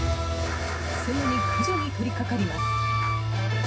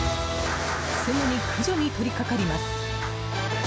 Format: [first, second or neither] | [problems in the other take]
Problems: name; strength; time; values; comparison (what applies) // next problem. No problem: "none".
second | background sound (Wind instrument, woodwind instrument); 5 dB below the speech // room echo; dies away in 0.4 s